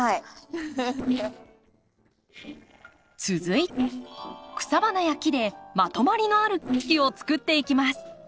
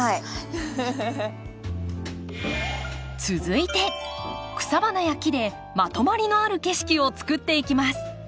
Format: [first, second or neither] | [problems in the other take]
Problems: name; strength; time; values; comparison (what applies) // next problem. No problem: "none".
second | noise reduction (neural separator model SepFormer DNS4)